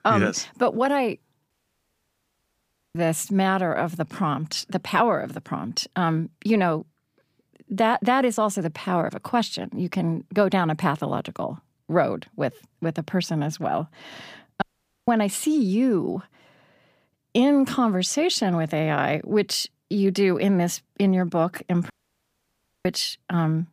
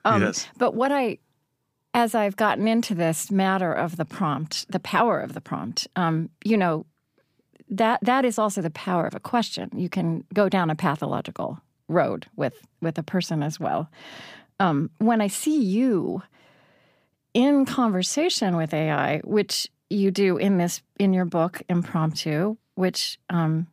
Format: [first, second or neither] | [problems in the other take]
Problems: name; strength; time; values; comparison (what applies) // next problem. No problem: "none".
second | audio cutting out; at 1.5 s for 1.5 s, at 15 s and at 22 s for 1 s